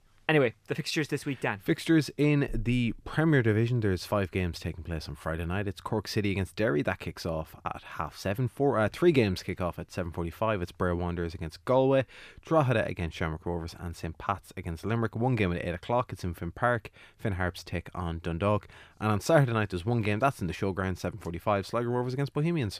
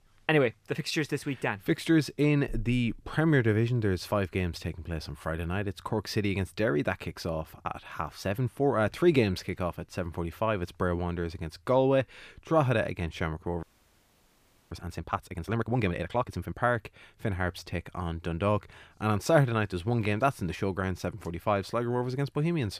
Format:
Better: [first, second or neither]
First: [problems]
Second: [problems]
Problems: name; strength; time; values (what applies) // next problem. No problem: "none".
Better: first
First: none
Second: audio freezing; at 14 s for 1 s